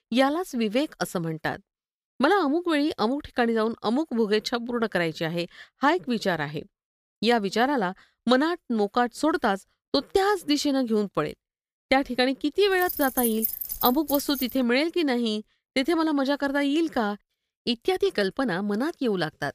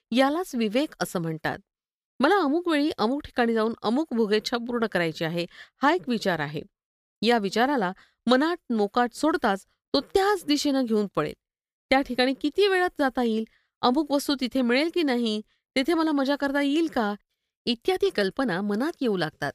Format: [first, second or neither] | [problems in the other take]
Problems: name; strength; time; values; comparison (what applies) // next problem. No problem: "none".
second | jangling keys; noticeable; from 13 to 15 s; peak 1 dB below the speech